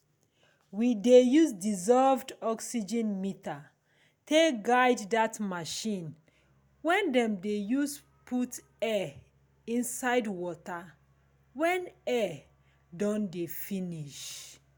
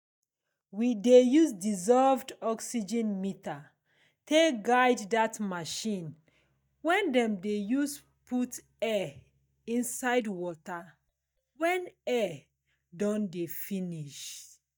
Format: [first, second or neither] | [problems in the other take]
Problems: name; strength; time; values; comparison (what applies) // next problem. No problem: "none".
first | noise reduction (neural mask model DeepFilterNet 3)